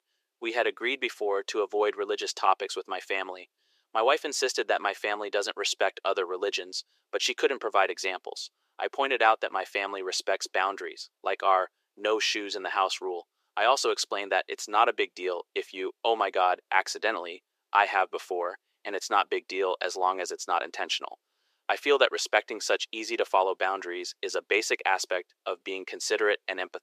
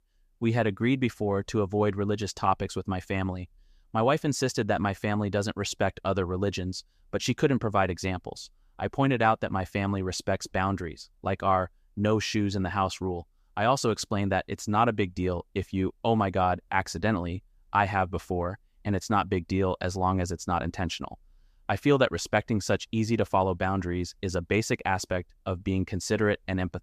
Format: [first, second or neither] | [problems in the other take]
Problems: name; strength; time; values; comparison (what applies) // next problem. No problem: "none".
second | thin; very; fading below 350 Hz